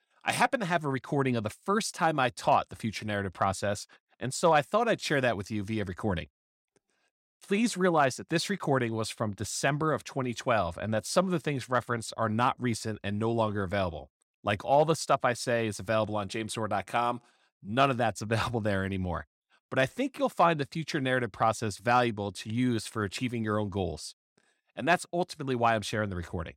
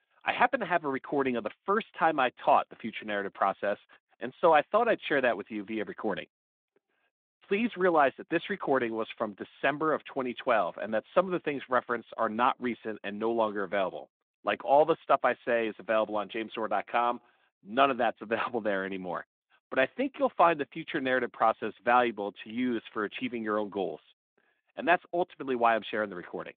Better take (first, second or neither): first